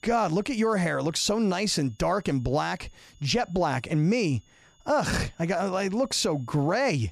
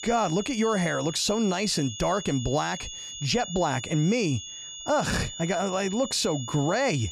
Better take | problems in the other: first | high-pitched whine; loud; throughout; 6.5 kHz, 10 dB below the speech; faint in the first

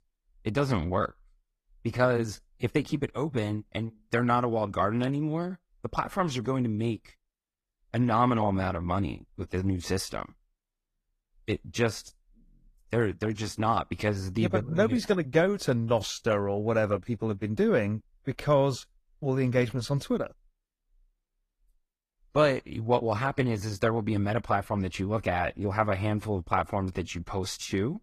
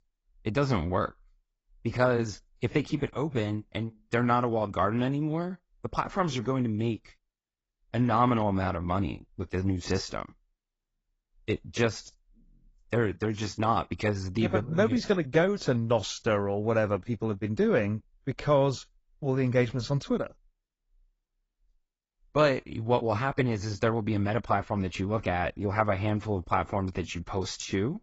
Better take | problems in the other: first | garbled, watery; badly; nothing above 7.5 kHz; slightly in the first

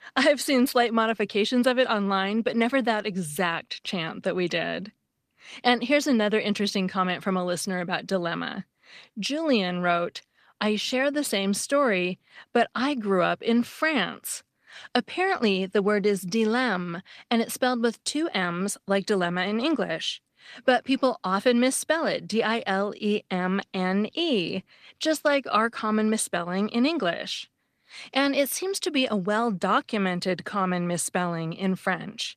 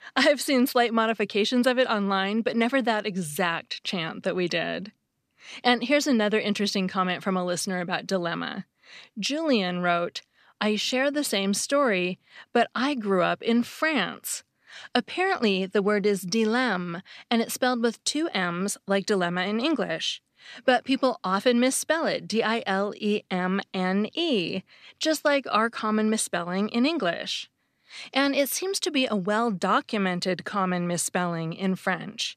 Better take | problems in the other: second | garbled, watery; slightly; nothing above 14.5 kHz

